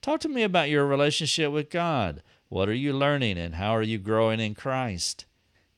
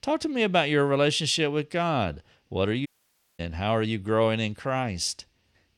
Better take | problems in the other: first | audio cutting out; at 3 s for 0.5 s

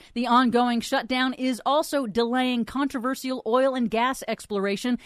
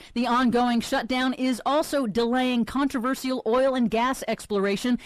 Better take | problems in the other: first | distortion; slight; 10 dB below the speech

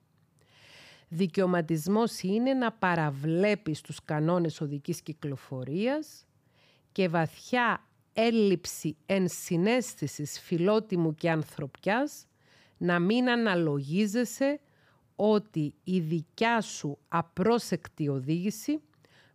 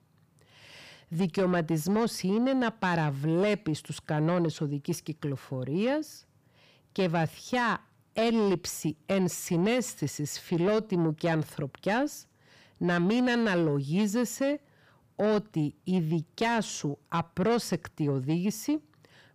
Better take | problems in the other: first | distortion; slight; 10 dB below the speech

